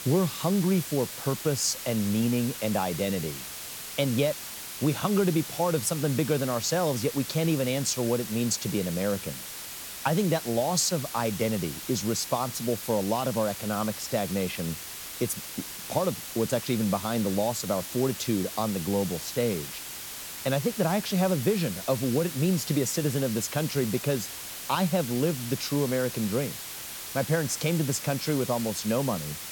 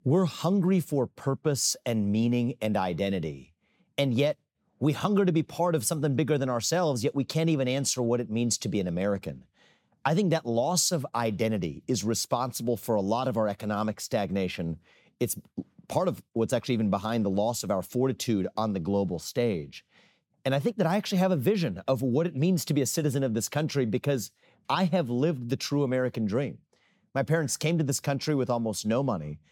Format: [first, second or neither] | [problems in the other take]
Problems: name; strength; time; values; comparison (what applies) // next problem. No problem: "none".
second | hiss; loud; throughout; 8 dB below the speech